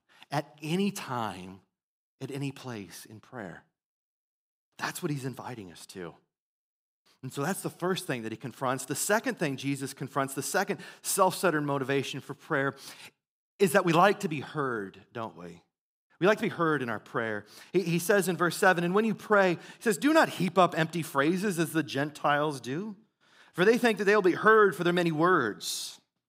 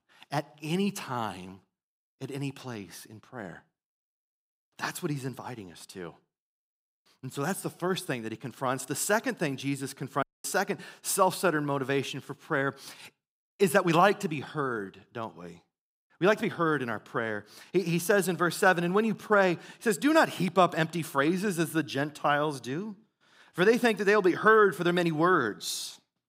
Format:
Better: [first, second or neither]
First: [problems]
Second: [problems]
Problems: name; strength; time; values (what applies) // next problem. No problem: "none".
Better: first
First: none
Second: audio cutting out; at 10 s